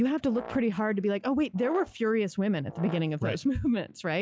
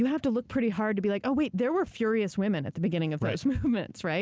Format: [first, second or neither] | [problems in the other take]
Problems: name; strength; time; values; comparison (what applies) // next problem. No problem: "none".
second | noise reduction (classical method log-MMSE)